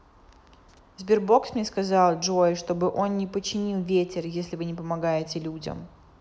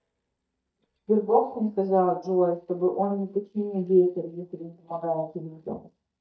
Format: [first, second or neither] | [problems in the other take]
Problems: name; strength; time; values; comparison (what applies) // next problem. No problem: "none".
first | noise reduction (neural mask model DeepFilterNet 3)